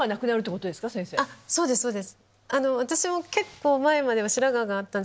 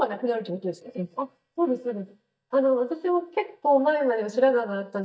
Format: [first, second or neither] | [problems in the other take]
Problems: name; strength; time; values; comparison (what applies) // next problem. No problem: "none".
first | noise reduction (neural mask model DeepFilterNet 3)